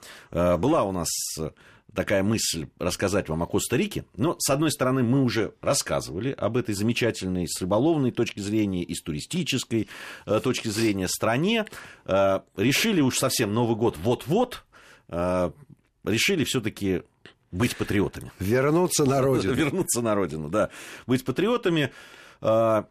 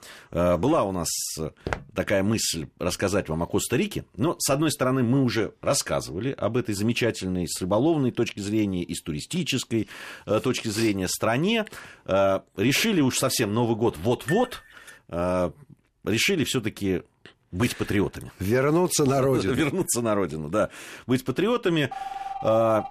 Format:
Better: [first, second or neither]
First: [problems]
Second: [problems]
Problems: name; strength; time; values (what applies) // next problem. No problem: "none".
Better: first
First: none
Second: footsteps; noticeable; at 1.5 s; peak 8 dB below the speech // clattering dishes; noticeable; at 14 s; peak 10 dB below the speech // phone ringing; noticeable; at 22 s; peak 9 dB below the speech